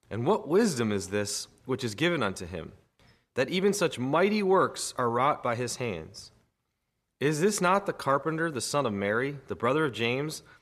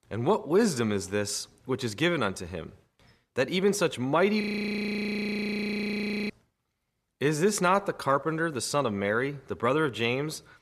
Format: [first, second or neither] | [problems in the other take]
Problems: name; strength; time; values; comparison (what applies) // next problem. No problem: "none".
first | audio freezing; at 4.5 s for 2 s